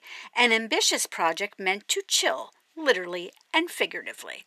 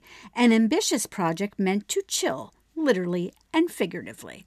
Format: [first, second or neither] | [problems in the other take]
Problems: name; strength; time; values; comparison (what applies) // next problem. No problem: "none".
second | thin; very; fading below 600 Hz